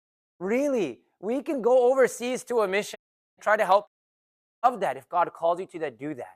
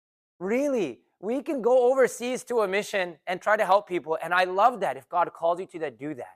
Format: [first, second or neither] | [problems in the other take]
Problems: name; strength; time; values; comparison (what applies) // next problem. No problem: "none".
second | audio cutting out; at 3 s and at 4 s for 1 s